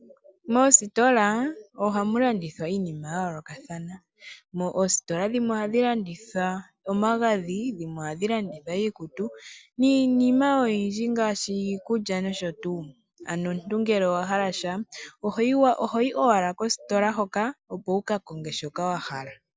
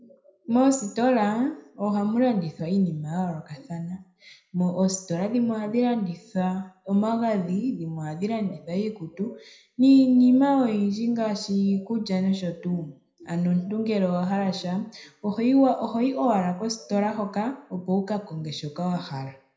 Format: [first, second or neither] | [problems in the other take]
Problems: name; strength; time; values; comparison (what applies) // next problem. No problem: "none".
first | room echo; dies away in 0.5 s